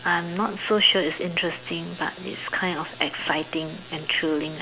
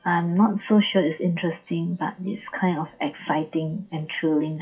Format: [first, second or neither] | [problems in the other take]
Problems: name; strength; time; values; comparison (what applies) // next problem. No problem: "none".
first | noise reduction (classical method WPE with log-MMSE)